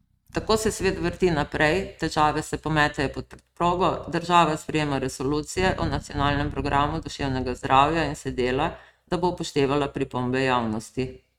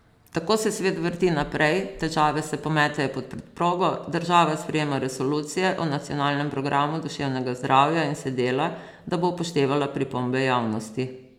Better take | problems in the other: second | noise reduction (neural mask model RNNoise)

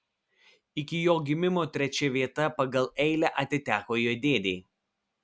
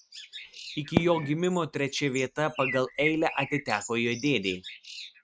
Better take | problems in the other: first | noise reduction (neural mask model RNNoise)

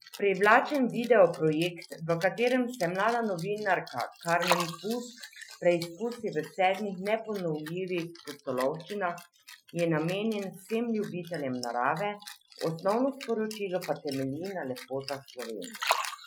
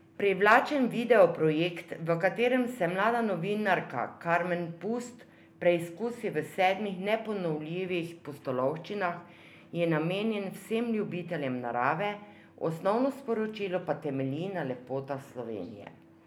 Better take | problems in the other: second | noise reduction (classical method Wiener filter)

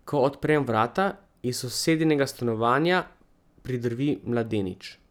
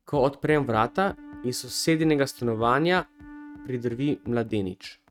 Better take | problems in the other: first | noise reduction (neural mask model RNNoise)

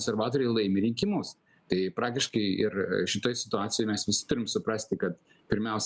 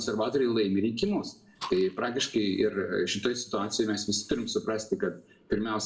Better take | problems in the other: first | noise reduction (neural separator model SepFormer DNS4)

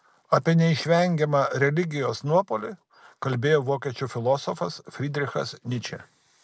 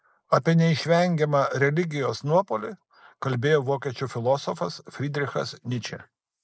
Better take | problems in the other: first | noise reduction (neural mask model Resemble Enhance denoiser)

